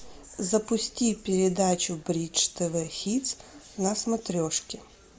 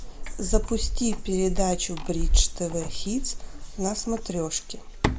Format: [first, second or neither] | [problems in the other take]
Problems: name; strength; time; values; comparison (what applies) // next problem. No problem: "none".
first | background sound (Keys jangling); 2 dB above the speech